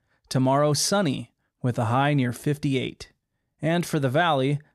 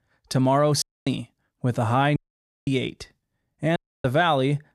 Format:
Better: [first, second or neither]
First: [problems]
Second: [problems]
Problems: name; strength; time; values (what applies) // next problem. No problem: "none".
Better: first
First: none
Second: audio cutting out; at 1 s, at 2 s for 0.5 s and at 4 s